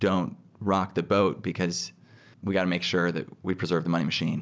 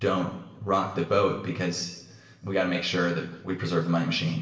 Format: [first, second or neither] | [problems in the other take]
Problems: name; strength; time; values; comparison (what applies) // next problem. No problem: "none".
first | room echo; dies away in 1 s